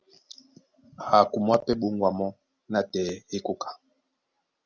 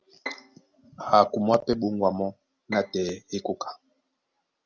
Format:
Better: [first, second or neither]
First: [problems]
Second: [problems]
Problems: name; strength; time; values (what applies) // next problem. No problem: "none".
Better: first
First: none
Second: background sound (Bowed string instrument); 15 dB below the speech